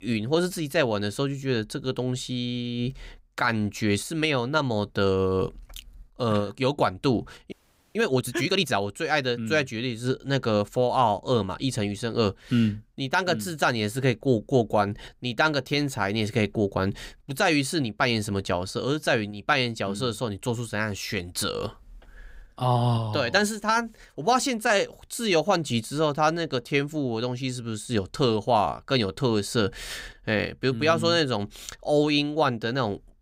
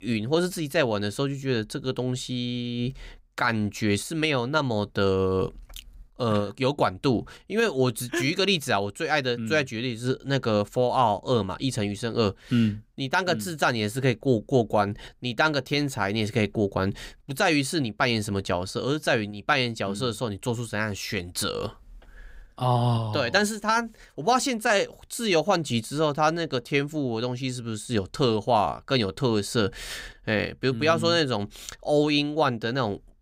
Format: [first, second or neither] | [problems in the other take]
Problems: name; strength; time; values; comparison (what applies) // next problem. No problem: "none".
second | audio freezing; at 7.5 s